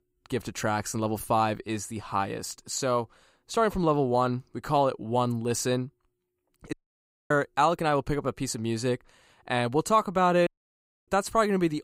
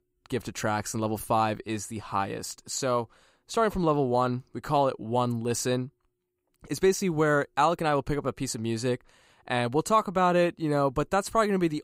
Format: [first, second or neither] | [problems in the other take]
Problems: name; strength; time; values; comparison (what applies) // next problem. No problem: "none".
second | audio cutting out; at 6.5 s for 0.5 s and at 10 s for 0.5 s